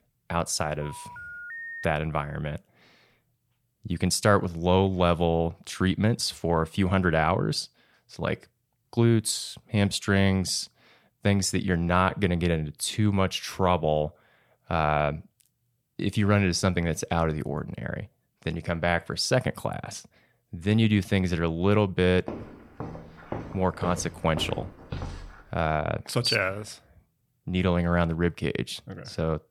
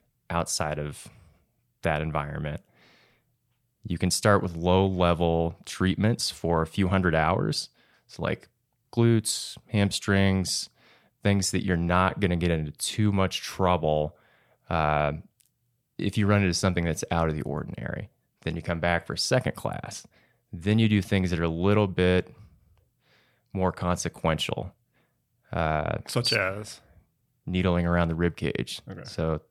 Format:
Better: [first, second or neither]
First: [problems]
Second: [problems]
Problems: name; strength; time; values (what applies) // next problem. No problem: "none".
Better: second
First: phone ringing; noticeable; from 1 to 2 s; peak 10 dB below the speech // footsteps; faint; from 22 to 25 s; peak 10 dB below the speech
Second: none